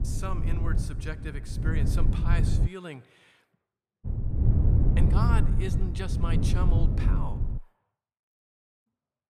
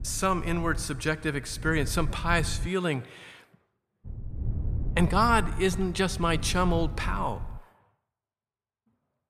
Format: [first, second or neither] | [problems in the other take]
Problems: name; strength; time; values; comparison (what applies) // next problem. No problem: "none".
second | low rumble; loud; until 2.5 s and from 4 to 7.5 s; 2 dB below the speech; faint in the second